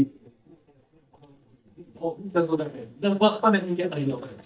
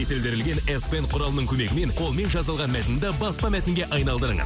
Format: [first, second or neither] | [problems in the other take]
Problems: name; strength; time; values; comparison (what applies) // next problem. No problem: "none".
second | noise reduction (neural mask model DeepFilterNet 3)